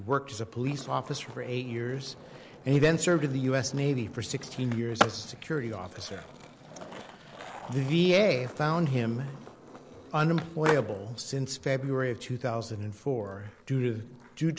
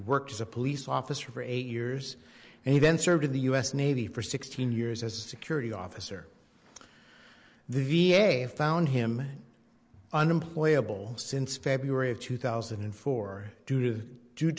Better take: second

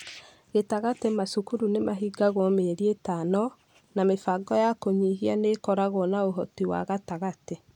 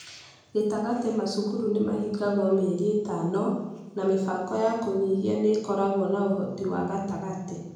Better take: first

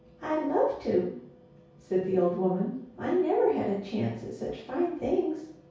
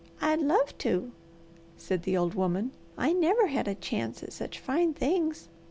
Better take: second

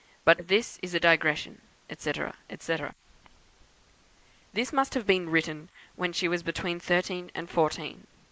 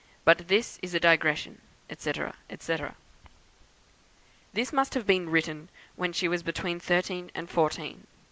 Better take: second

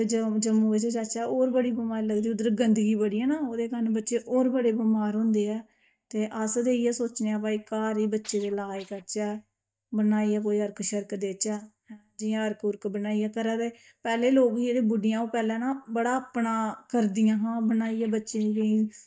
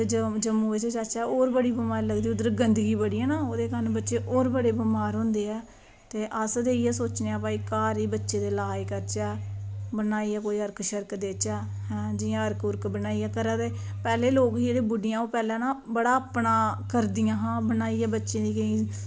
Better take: second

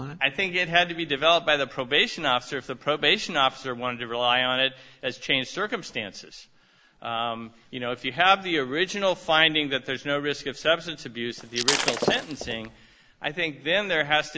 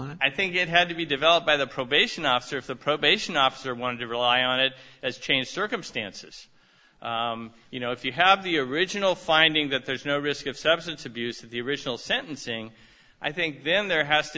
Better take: second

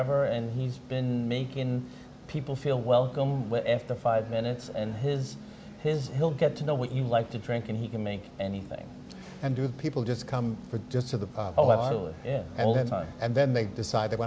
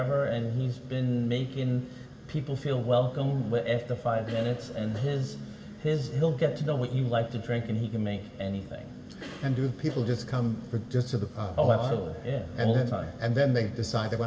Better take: first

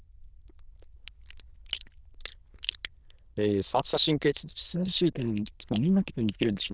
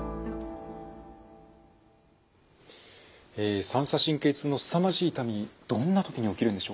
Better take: second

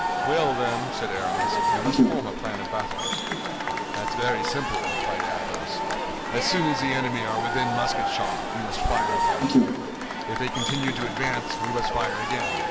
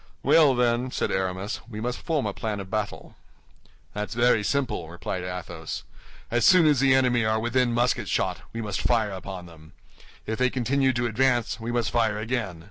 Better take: second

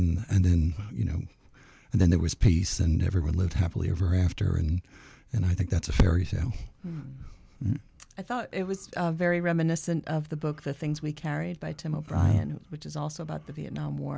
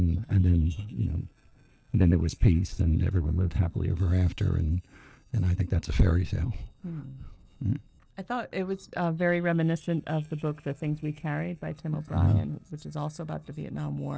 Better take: first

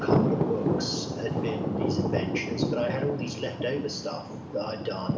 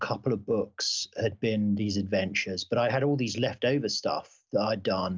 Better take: second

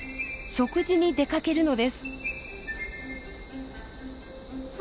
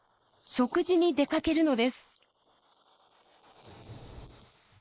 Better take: first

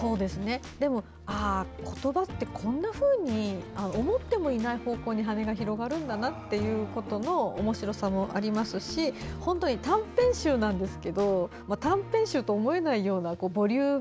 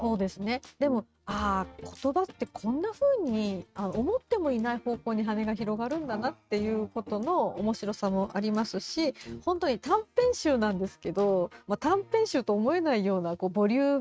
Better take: first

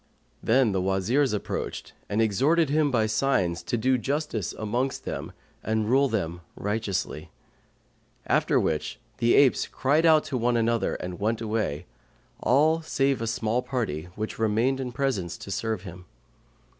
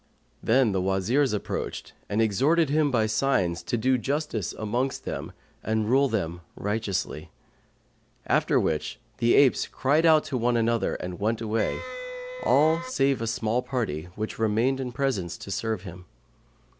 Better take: first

